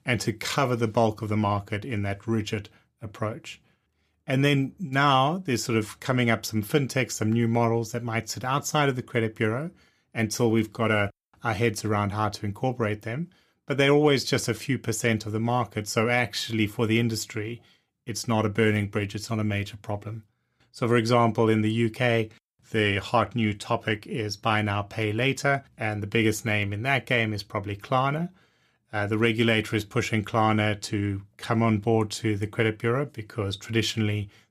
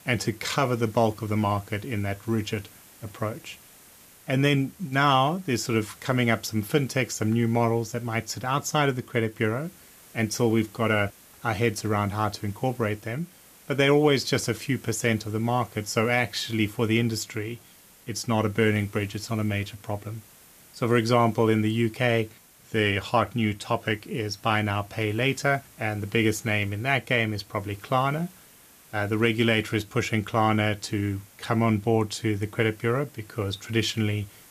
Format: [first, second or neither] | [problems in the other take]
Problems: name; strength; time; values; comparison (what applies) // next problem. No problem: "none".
first | hiss; faint; throughout; 25 dB below the speech